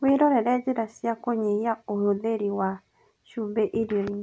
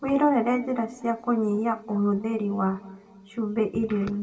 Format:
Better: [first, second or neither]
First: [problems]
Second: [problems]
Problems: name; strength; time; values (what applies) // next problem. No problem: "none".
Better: first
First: none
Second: room echo; dies away in 1.7 s